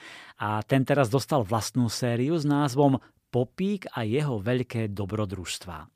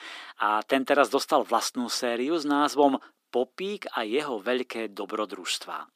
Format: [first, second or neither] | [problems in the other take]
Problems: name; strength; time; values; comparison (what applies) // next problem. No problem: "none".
first | thin; somewhat; fading below 250 Hz